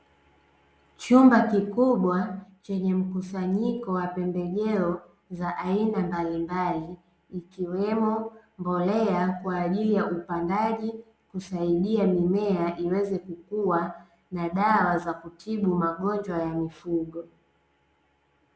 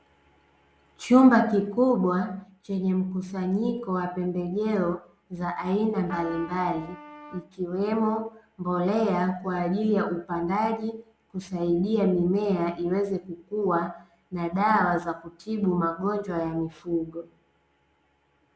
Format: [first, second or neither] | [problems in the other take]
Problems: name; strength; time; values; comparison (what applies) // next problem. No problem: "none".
first | background sound (Trumpet); 16 dB below the speech